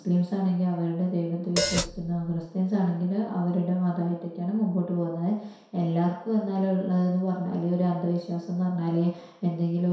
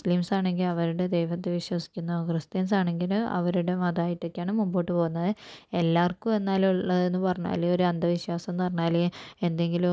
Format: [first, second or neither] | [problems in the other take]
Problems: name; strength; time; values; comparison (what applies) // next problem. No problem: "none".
second | background sound (Hi-hat); 4 dB below the speech // room echo; dies away in 0.7 s